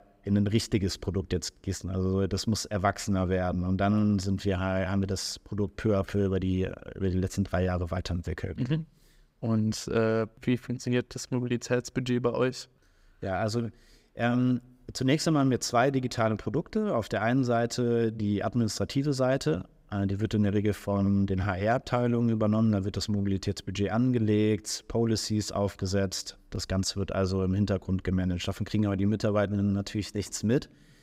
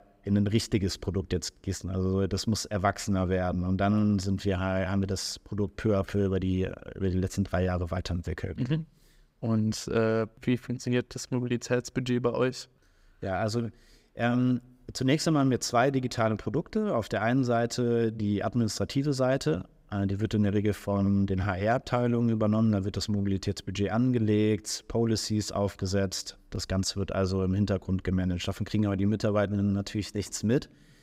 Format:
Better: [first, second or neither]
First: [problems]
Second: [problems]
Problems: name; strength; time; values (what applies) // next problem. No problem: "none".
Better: neither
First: none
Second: none